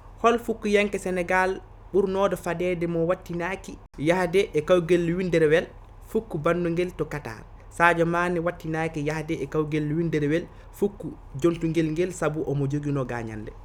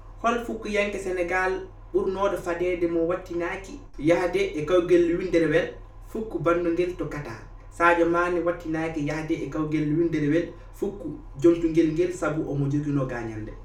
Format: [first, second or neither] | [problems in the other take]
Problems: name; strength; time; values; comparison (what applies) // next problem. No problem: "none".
first | room echo; dies away in 0.3 s